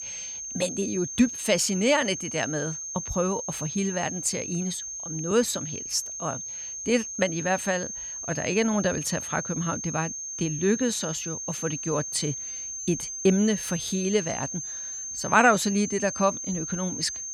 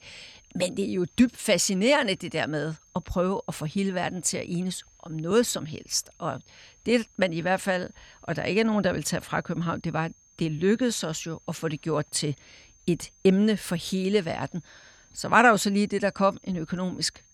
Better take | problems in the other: second | high-pitched whine; loud; throughout; 6.5 kHz, 5 dB below the speech; faint in the second

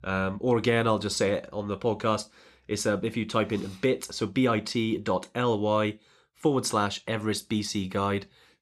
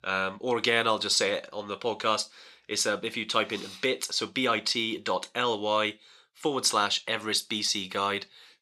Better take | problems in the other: first | thin; somewhat; fading below 750 Hz

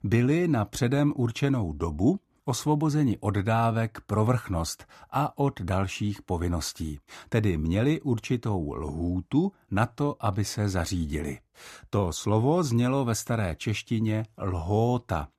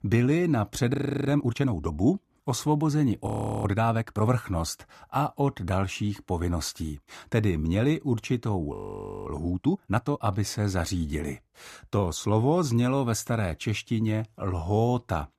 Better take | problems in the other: first | audio freezing; at 1 s, at 3.5 s and at 8.5 s for 0.5 s

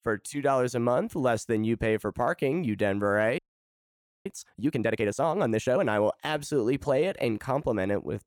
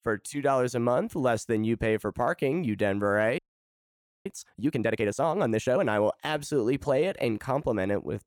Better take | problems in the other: neither | audio freezing; at 3.5 s for 1 s; the same in both

